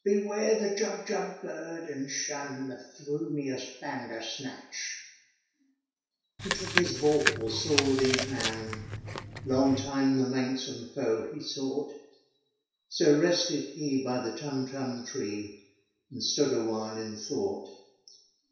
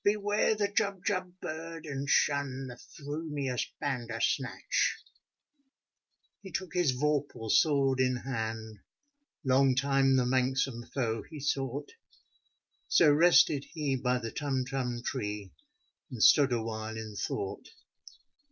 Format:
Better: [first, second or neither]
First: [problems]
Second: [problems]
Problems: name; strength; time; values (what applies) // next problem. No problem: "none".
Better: second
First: background sound (Chewing, mastication); 2 dB below the speech // room echo; dies away in 0.7 s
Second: none